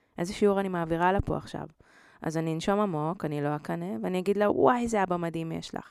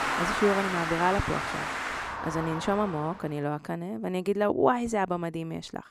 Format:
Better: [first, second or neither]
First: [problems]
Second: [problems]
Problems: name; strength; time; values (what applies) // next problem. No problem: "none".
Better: first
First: none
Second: traffic noise; loud; until 3 s; 2 dB below the speech